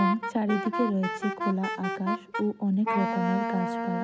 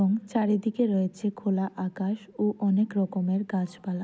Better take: second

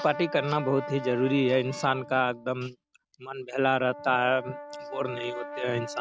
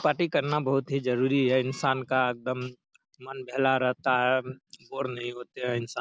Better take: second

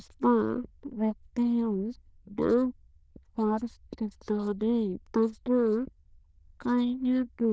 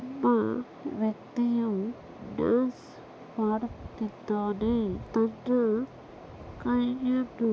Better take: second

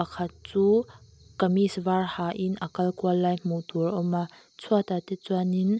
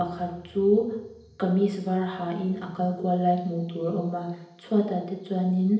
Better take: first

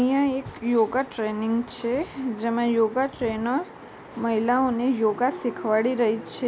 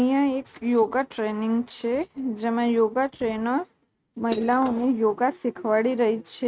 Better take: first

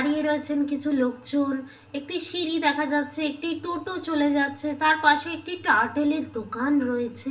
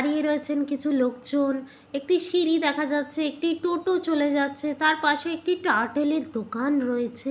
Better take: second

